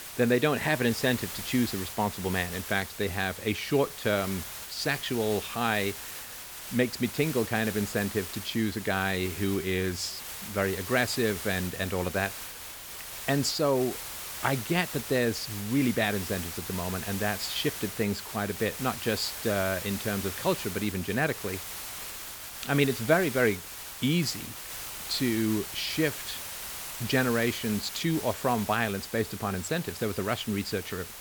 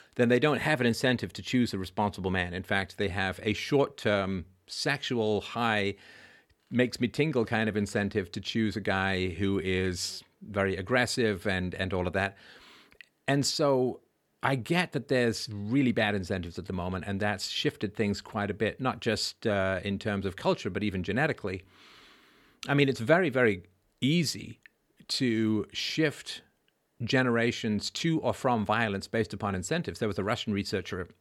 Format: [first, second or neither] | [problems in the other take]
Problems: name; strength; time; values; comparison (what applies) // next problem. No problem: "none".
second | hiss; loud; throughout; 8 dB below the speech